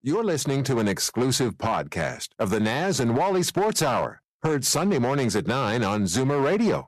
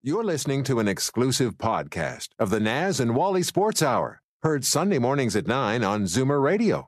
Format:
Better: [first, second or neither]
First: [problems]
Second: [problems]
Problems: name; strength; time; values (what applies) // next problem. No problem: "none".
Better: second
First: distortion; slight; 9% of the sound clipped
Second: none